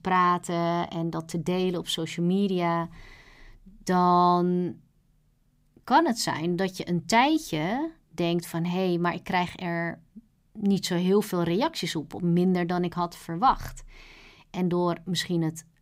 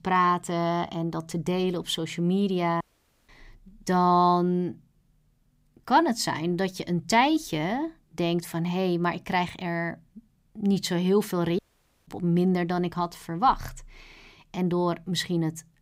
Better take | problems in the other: first | audio cutting out; at 3 s and at 12 s

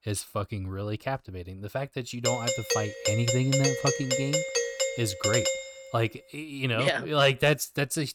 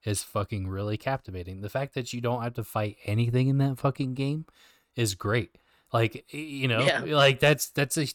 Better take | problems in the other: second | doorbell; loud; from 2.5 to 5.5 s; peak 3 dB above the speech

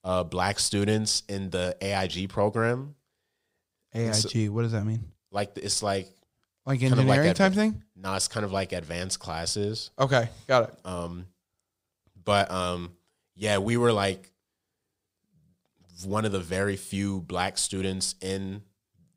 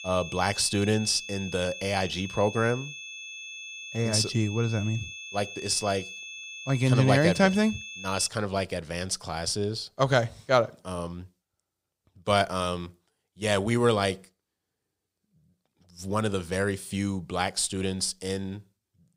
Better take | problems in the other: first | high-pitched whine; noticeable; until 8.5 s; 2.5 kHz, 10 dB below the speech

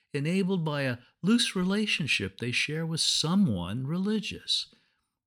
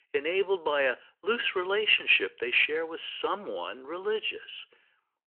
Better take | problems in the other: first | phone-call audio

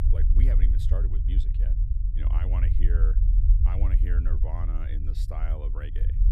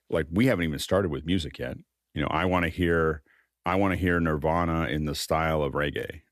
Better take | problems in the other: second | low rumble; loud; throughout; 2 dB below the speech

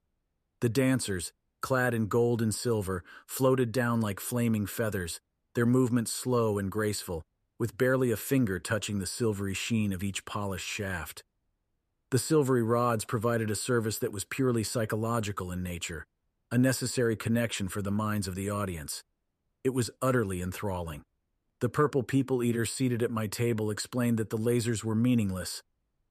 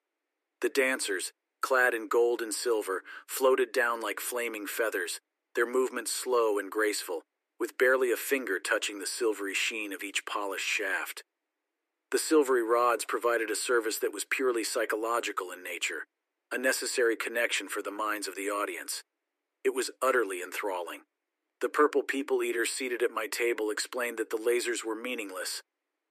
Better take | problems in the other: first | thin; very; fading below 300 Hz

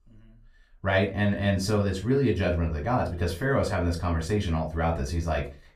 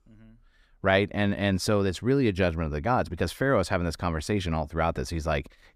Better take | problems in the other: second | off-mic speech; far // room echo; very slight; dies away in 0.3 s

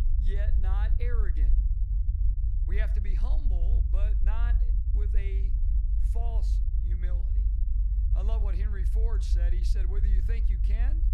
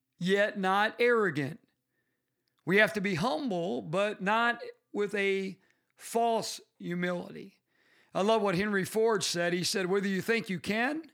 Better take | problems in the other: second | low rumble; loud; throughout; 4 dB below the speech

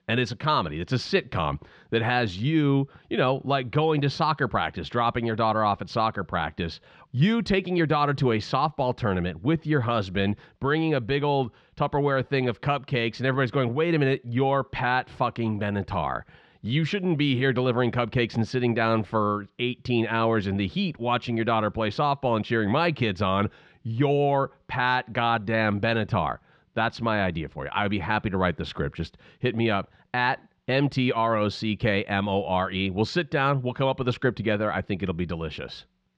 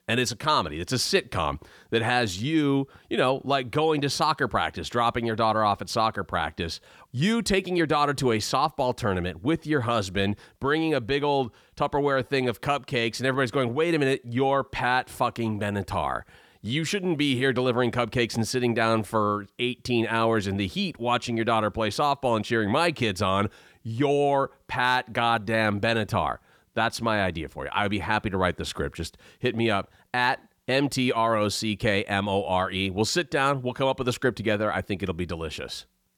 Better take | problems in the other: second | muffled; very slightly; fading above 4 kHz

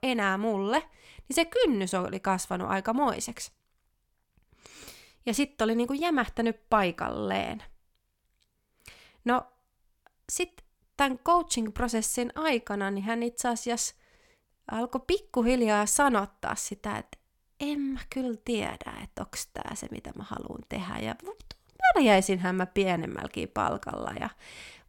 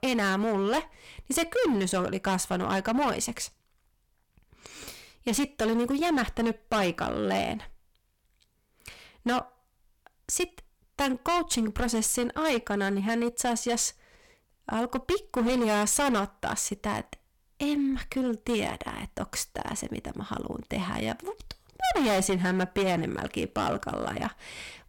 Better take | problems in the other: first | distortion; heavy; 11% of the sound clipped

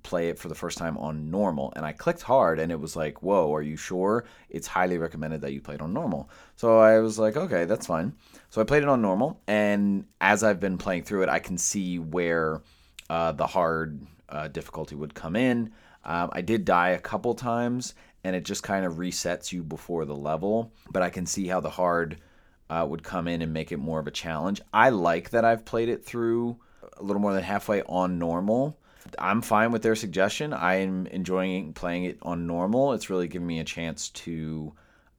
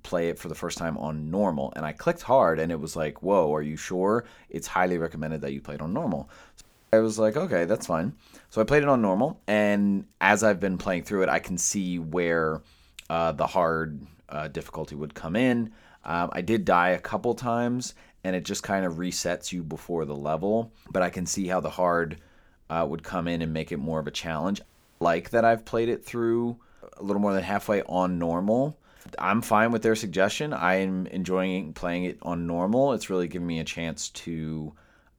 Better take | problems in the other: first | audio cutting out; at 6.5 s and at 25 s

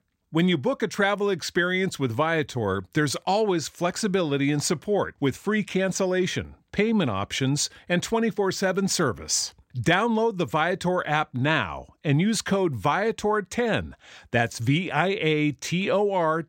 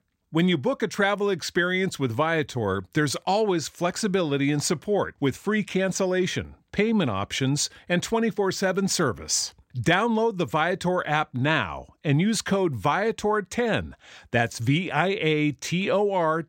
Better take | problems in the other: neither | none

